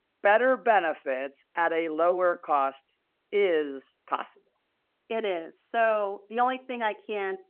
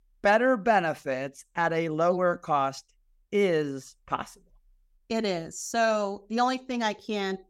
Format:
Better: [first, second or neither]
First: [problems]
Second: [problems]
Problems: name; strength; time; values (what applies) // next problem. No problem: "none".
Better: second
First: phone-call audio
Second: none